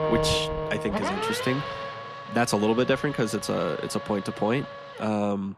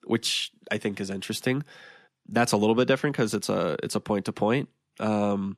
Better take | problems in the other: second | traffic noise; loud; throughout; 5 dB below the speech

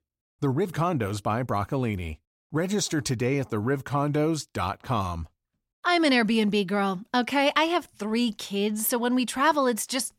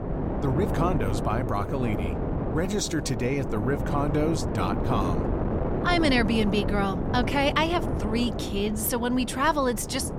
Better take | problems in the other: first | wind noise on the microphone; heavy; 6 dB below the speech

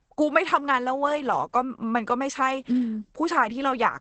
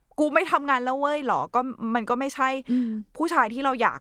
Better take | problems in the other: second | garbled, watery; badly; nothing above 8 kHz; slightly in the second

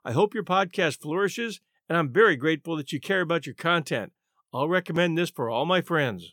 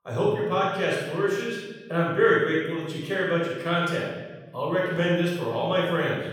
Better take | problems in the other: first | off-mic speech; far // room echo; strong; dies away in 1.1 s

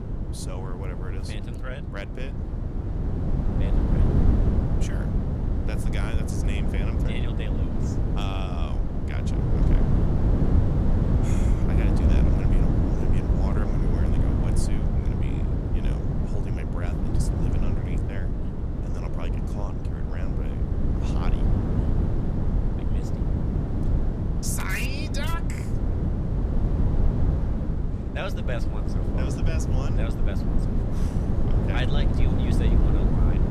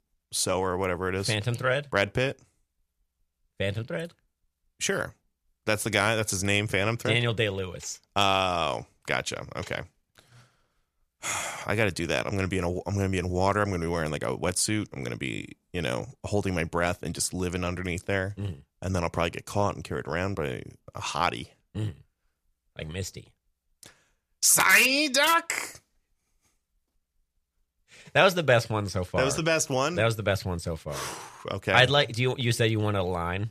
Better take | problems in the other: second | wind noise on the microphone; heavy; 3 dB above the speech

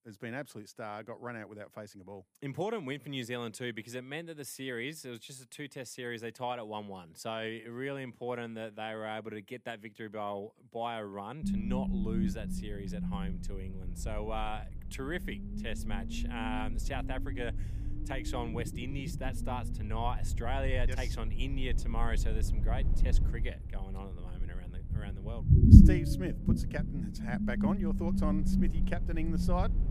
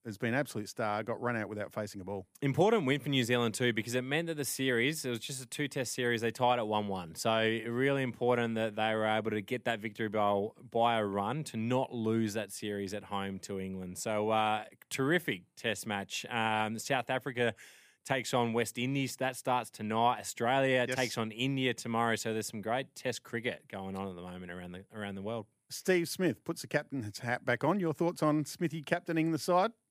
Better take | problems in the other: second | low rumble; loud; from 11 s on; 1 dB below the speech

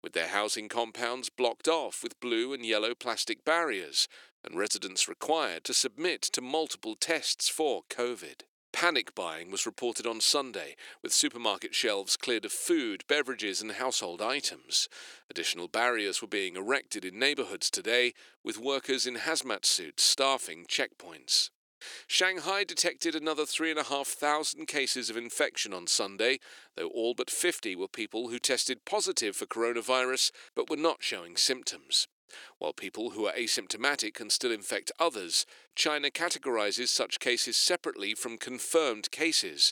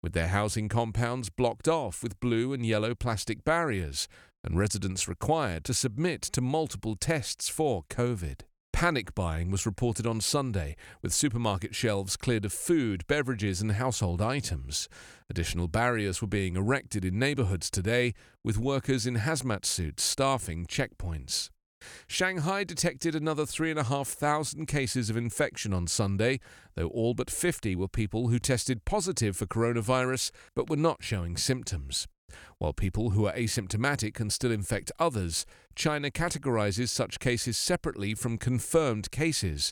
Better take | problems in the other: second | thin; somewhat; fading below 350 Hz

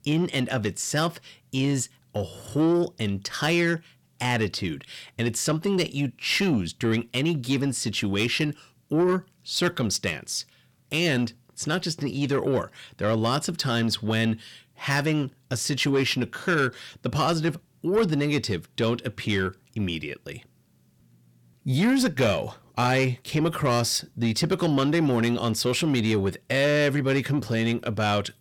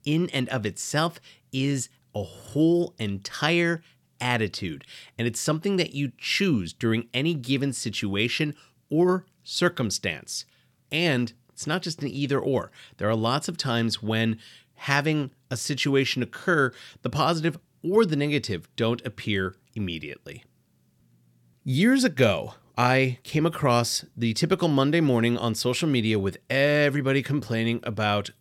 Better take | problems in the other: second | distortion; slight; 10 dB below the speech

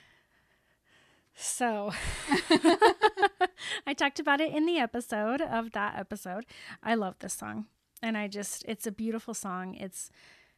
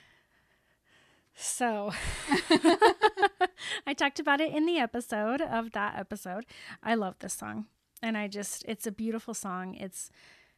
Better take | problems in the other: neither | none

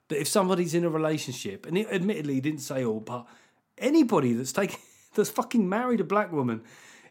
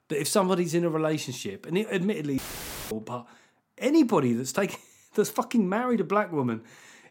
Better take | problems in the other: first | audio cutting out; filled with static; at 2.5 s for 0.5 s

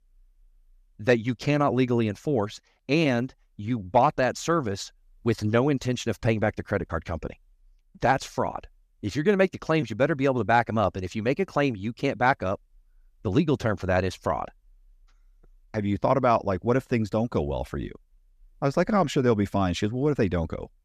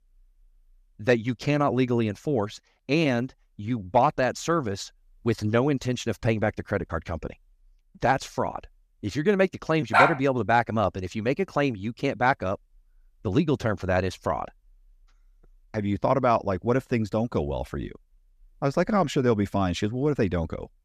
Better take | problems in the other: first | dog barking; loud; at 10 s; peak 5 dB above the speech

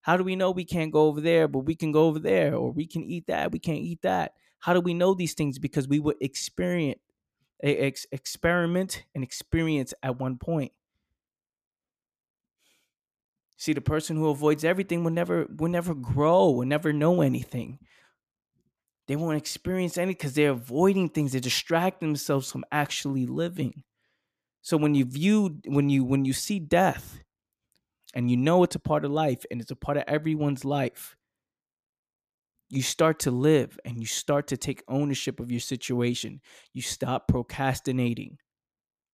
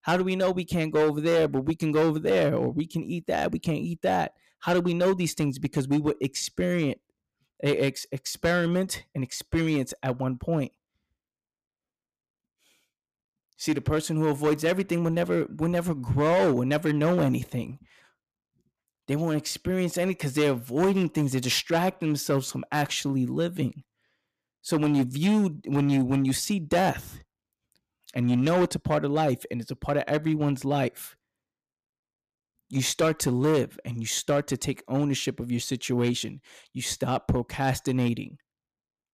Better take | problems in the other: first | distortion; slight; 6% of the sound clipped

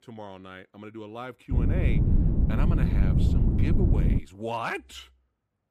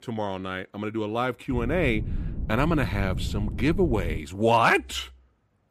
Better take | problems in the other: second | wind noise on the microphone; heavy; from 1.5 to 4 s; as loud as the speech; occasional gusts in the second

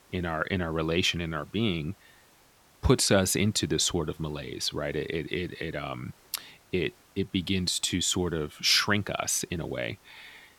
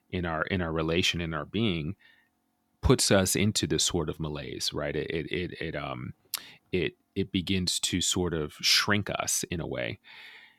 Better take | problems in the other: second | hiss; faint; throughout; 30 dB below the speech

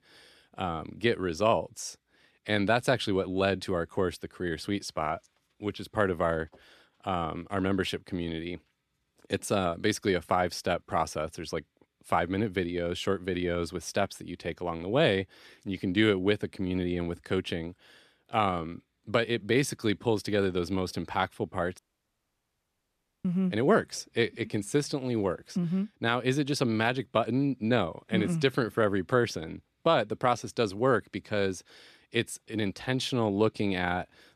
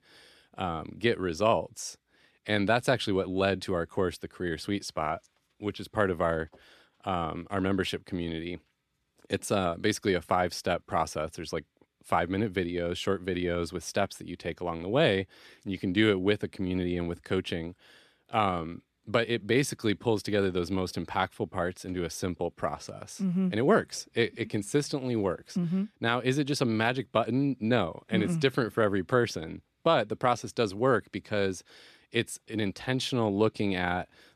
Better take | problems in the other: second | audio cutting out; at 22 s for 1.5 s

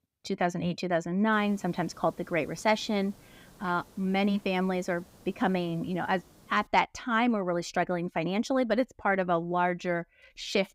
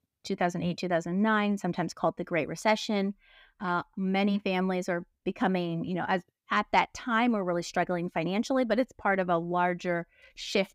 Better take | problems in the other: second | hiss; faint; from 1.5 to 6.5 s; 25 dB below the speech

